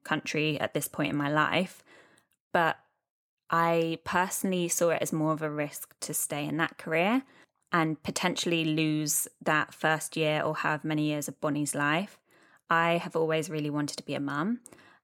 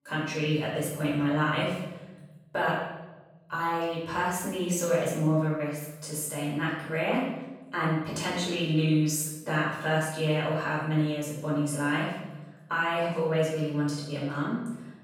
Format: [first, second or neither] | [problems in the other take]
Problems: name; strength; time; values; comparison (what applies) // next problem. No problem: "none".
first | room echo; noticeable; dies away in 1.1 s // off-mic speech; far